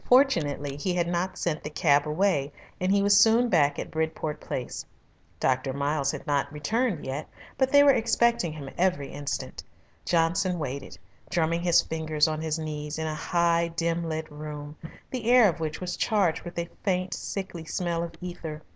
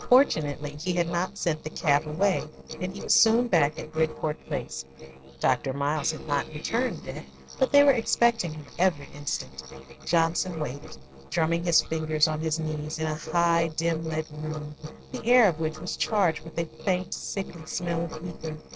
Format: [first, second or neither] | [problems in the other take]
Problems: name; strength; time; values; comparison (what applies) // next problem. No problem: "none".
first | noise reduction (neural separator model SepFormer DNS4)